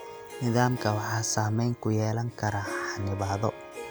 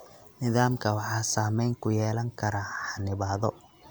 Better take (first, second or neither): second